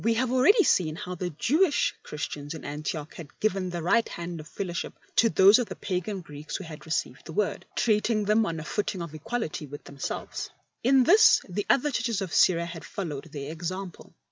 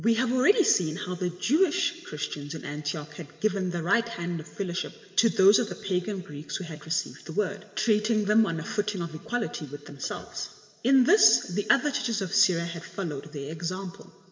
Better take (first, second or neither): first